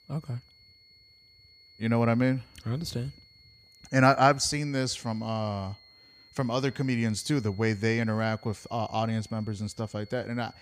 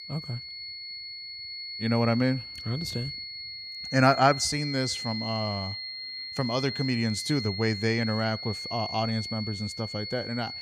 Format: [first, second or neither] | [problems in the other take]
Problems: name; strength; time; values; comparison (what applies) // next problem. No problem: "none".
first | high-pitched whine; loud; throughout; 4.5 kHz, 6 dB below the speech; faint in the first